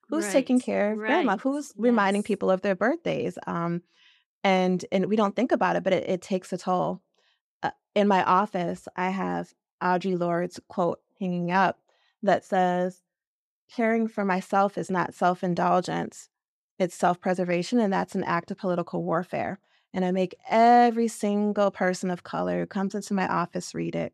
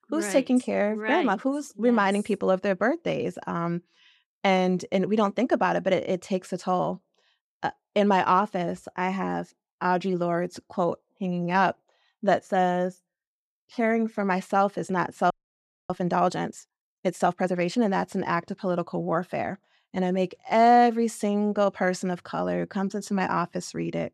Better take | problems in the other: first | audio freezing; at 15 s for 0.5 s

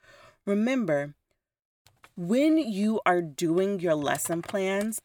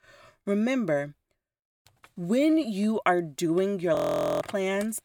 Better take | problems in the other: first | audio freezing; at 4 s

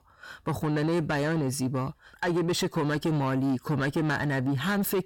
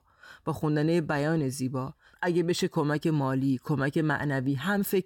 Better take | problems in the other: second | distortion; slight; 10 dB below the speech

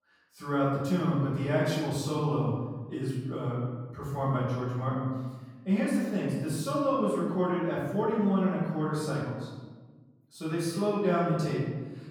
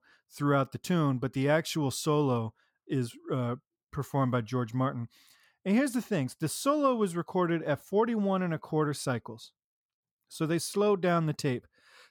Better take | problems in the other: second | off-mic speech; far // room echo; noticeable; dies away in 1.3 s

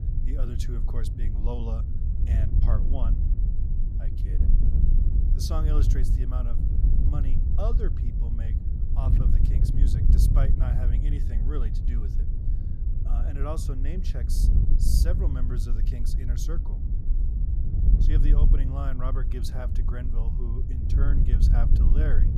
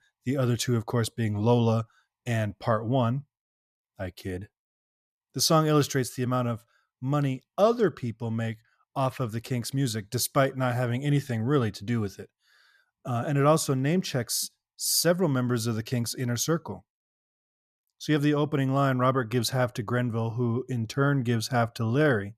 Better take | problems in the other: second | wind noise on the microphone; heavy; 2 dB below the speech

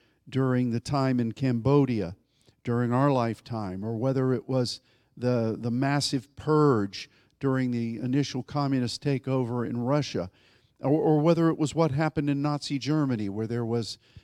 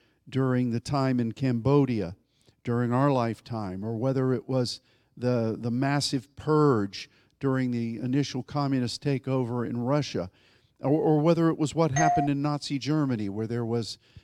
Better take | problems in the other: first | doorbell; loud; at 12 s; peak 2 dB above the speech

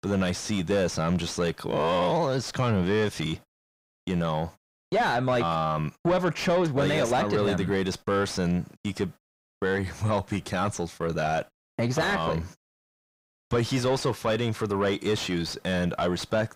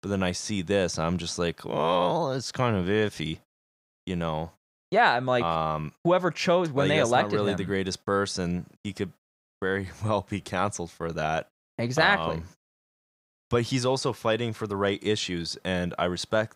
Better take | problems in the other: second | distortion; heavy; 7 dB below the speech

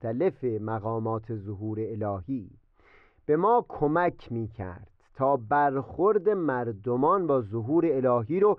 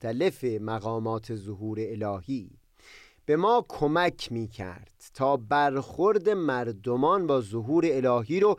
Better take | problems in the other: second | muffled; very; fading above 1.5 kHz

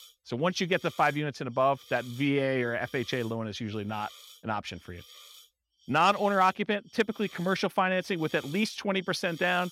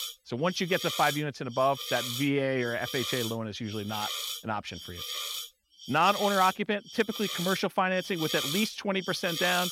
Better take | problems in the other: first | hiss; loud; throughout; 6 dB below the speech; faint in the first

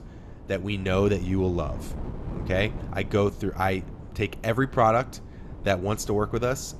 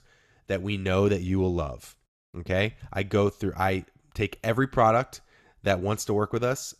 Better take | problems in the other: second | wind noise on the microphone; occasional gusts; 20 dB below the speech

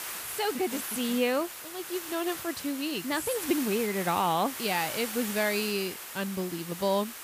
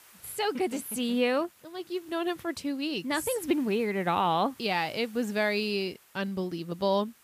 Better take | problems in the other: second | hiss; loud; throughout; 6 dB below the speech; faint in the second

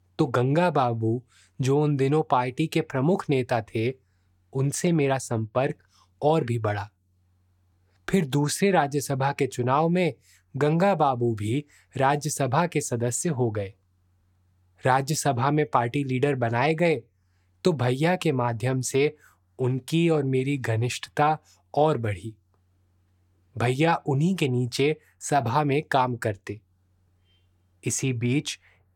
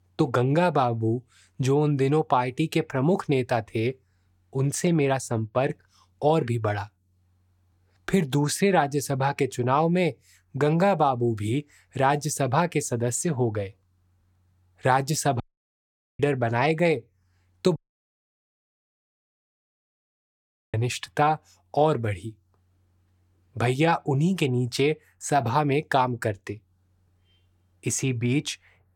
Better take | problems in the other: first | audio cutting out; at 15 s for 1 s and at 18 s for 3 s

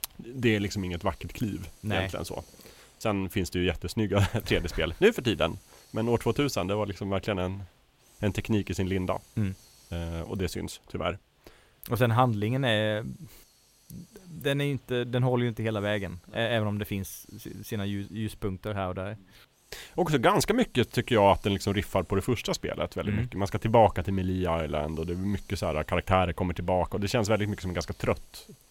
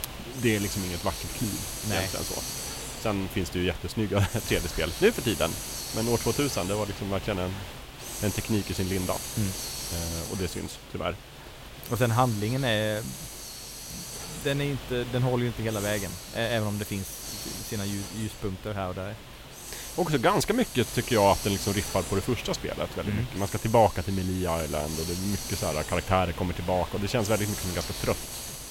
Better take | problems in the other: first | hiss; loud; throughout; 7 dB below the speech; faint in the first

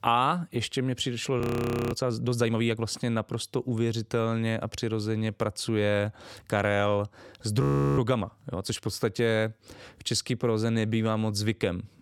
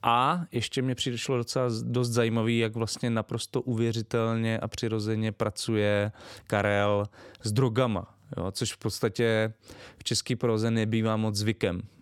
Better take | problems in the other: second | audio freezing; at 1.5 s for 0.5 s and at 7.5 s

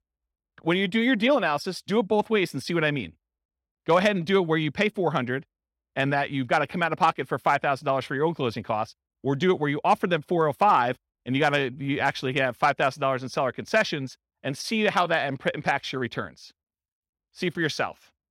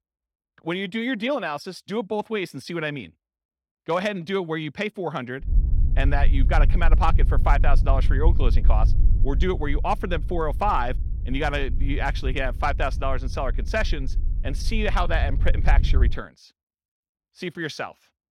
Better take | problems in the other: first | low rumble; noticeable; from 5.5 to 16 s; 15 dB below the speech

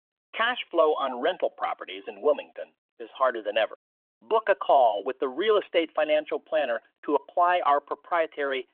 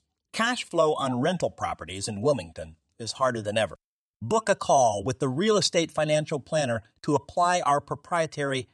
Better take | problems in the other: second | phone-call audio; nothing above 3.5 kHz

